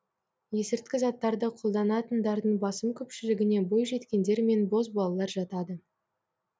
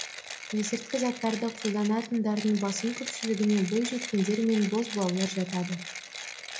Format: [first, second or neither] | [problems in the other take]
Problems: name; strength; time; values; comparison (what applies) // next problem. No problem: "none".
first | background sound (Mechanisms); 11 dB below the speech // room echo; dies away in 0.4 s